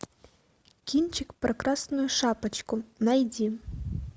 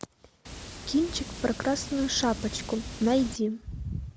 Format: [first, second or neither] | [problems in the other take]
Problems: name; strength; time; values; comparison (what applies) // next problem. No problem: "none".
first | background sound (Water); 10 dB below the speech